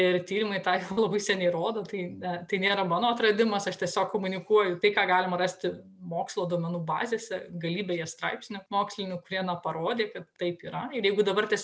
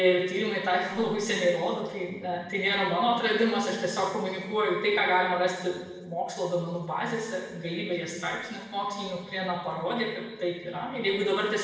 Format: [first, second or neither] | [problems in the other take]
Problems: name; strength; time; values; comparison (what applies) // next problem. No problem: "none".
first | room echo; dies away in 1 s